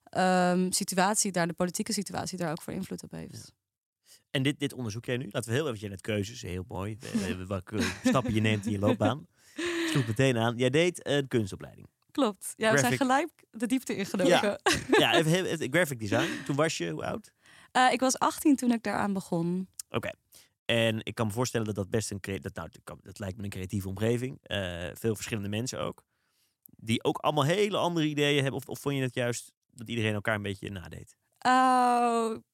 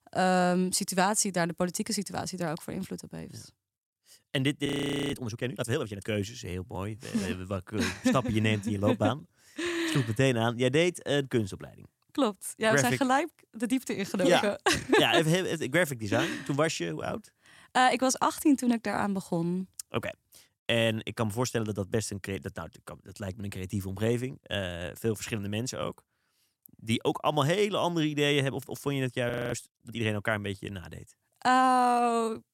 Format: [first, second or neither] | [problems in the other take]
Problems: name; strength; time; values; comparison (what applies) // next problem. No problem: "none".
first | audio freezing; at 4.5 s and at 29 s